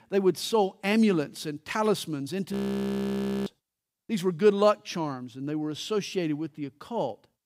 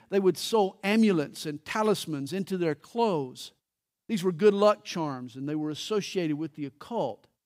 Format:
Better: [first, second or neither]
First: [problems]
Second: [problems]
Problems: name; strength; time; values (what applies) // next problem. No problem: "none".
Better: second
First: audio freezing; at 2.5 s for 1 s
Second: none